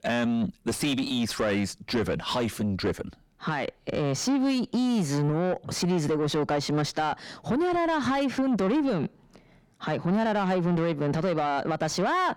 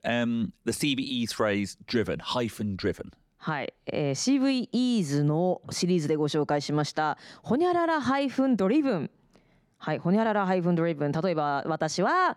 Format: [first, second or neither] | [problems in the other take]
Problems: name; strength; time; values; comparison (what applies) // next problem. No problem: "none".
second | distortion; slight; 10 dB below the speech